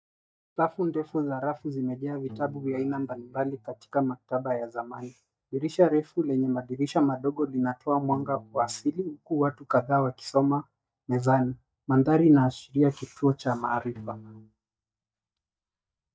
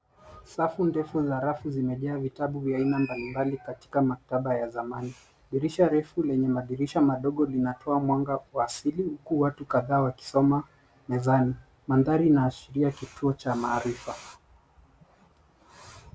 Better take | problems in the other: second | noise reduction (neural mask model DeepFilterNet 3)

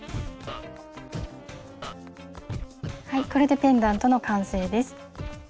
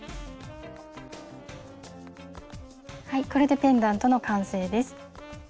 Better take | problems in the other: second | background sound (Scratching (performance technique)); 12 dB below the speech

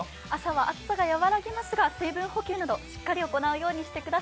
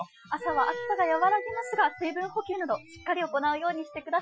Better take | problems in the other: first | noise reduction (classical method Wiener filter)

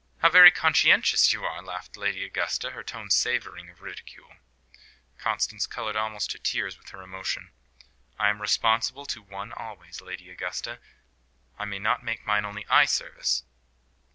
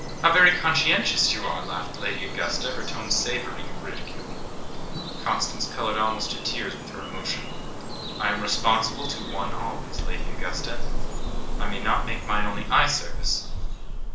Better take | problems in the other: first | background sound (Bird vocalization, bird call, bird song); as loud as the speech // room echo; dies away in 0.7 s

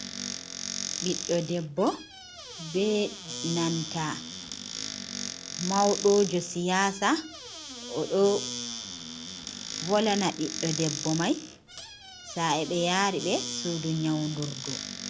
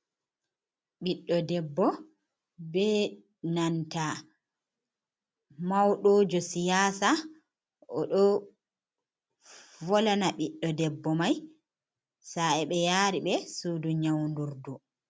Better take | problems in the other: second | background sound (Squeak / Cupboard open or close); 8 dB below the speech

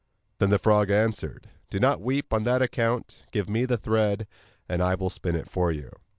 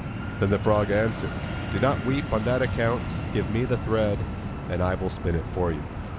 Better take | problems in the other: first | background sound (Fixed-wing aircraft, airplane); 4 dB below the speech

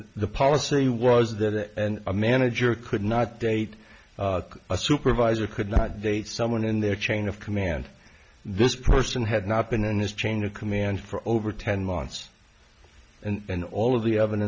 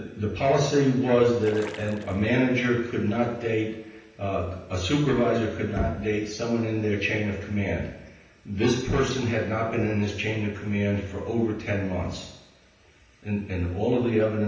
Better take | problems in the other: first | background sound (Splash, splatter); 17 dB below the speech // room echo; dies away in 0.9 s

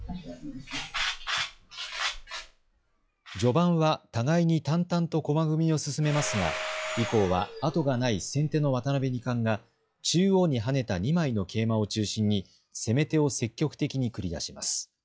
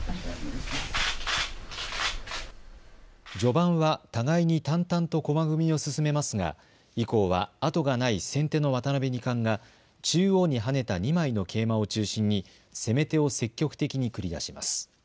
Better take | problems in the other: second | noise reduction (classical method log-MMSE)

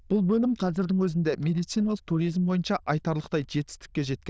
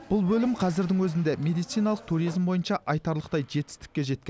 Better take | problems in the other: second | noise reduction (neural diffusion model UNIVERSE++)

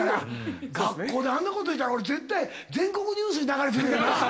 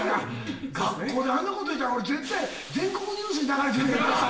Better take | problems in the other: first | background sound (Hiss); 19 dB below the speech // room echo; dies away in 0.8 s

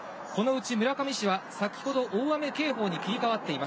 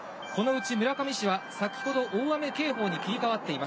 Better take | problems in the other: first | background sound (Organ); 12 dB below the speech

